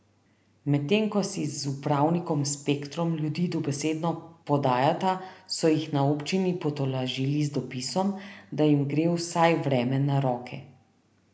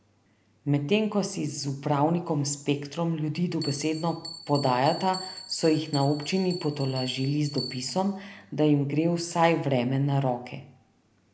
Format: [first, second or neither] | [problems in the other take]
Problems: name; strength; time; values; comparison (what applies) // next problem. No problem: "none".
first | background sound (Bell); 17 dB below the speech